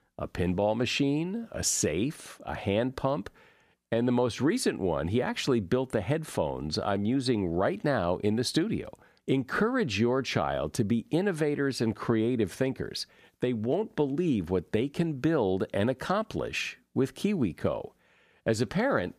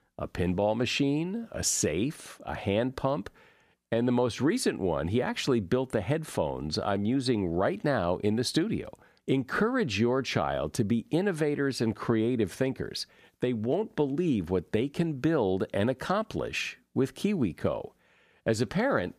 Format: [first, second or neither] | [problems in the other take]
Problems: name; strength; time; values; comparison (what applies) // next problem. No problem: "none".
neither | none